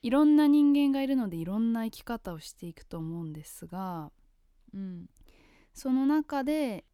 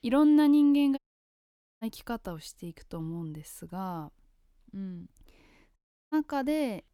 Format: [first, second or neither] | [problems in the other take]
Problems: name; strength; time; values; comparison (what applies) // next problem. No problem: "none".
first | audio cutting out; at 1 s for 1 s and at 6 s